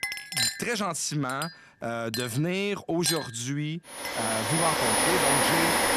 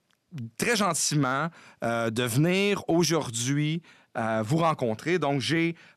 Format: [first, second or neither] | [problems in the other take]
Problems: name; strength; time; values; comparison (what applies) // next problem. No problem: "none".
second | household noises; very loud; throughout; 4 dB above the speech